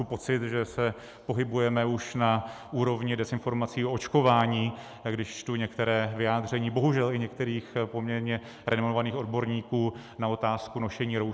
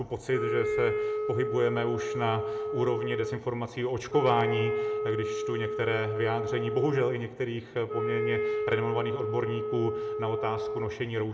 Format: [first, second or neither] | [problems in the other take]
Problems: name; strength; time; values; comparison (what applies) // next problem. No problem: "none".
first | background sound (Wind instrument, woodwind instrument); 1 dB below the speech // room echo; dies away in 0.8 s